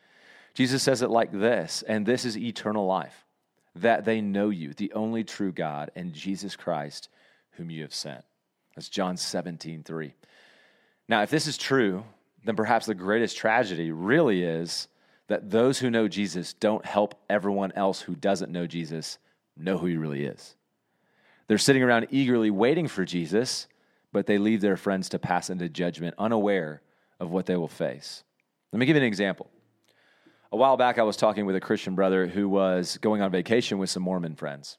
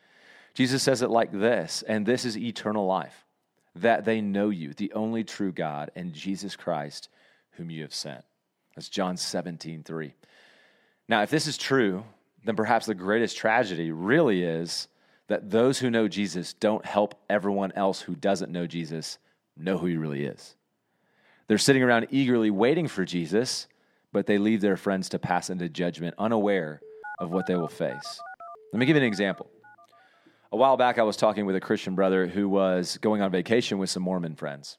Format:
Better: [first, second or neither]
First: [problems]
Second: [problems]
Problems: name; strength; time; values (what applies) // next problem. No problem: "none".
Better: first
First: none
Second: phone ringing; faint; from 27 to 30 s; peak 10 dB below the speech